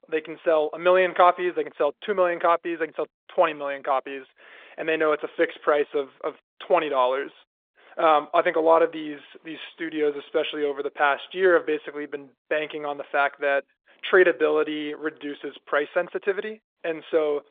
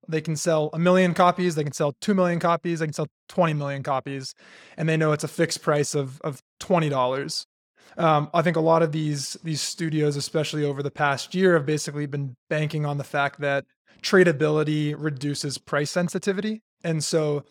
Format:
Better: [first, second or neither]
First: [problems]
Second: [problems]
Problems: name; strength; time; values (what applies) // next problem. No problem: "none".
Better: second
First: phone-call audio; nothing above 3.5 kHz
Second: none